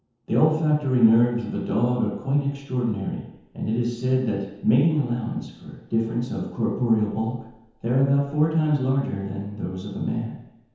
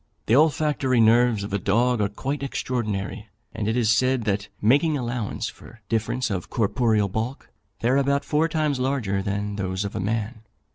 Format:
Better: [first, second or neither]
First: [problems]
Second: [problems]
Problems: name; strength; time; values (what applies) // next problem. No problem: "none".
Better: second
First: room echo; dies away in 0.9 s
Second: none